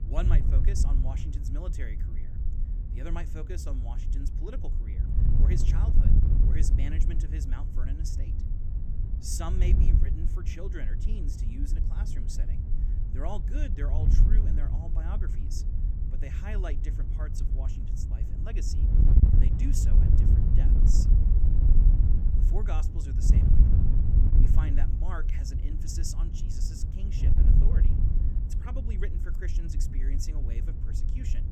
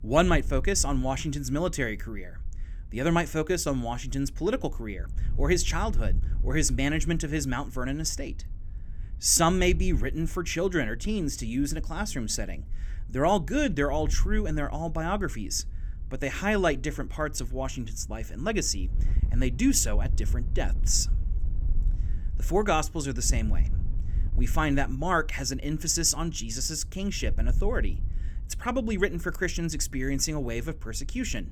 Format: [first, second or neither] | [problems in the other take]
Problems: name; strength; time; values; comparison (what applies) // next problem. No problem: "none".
second | wind noise on the microphone; heavy; as loud as the speech; occasional gusts in the second